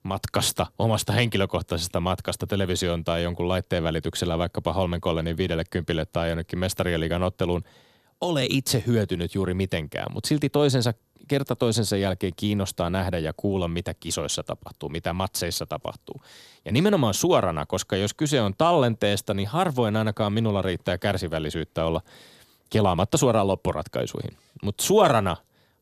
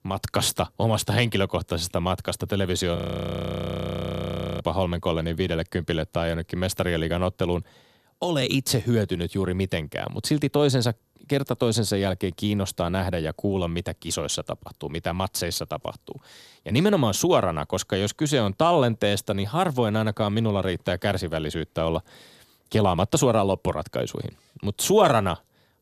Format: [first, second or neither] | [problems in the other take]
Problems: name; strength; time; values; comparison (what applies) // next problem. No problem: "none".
first | audio freezing; at 3 s for 1.5 s